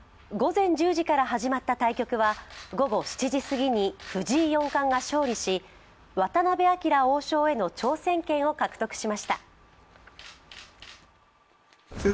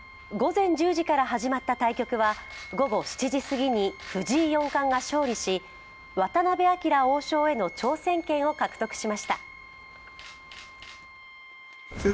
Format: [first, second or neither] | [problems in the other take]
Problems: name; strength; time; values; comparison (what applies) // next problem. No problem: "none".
first | background sound (Wind instrument, woodwind instrument + Wind instrument, woodwind instrument); 19 dB below the speech